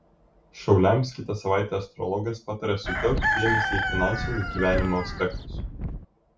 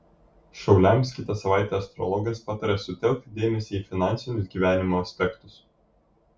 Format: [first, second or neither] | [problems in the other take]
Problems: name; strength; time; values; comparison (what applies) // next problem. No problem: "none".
second | background sound (Wind + Chicken, rooster); 1 dB below the speech